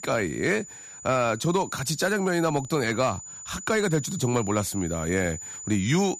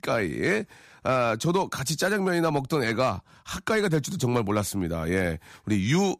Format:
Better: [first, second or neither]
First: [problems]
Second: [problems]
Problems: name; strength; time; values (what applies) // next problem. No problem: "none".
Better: second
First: high-pitched whine; noticeable; throughout; 7 kHz, 10 dB below the speech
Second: none